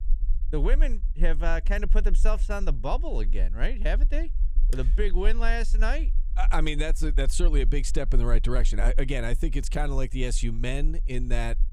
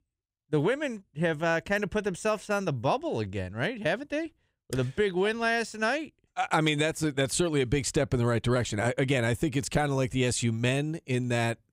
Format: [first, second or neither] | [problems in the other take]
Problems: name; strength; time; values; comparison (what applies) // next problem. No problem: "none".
second | low rumble; faint; throughout; 20 dB below the speech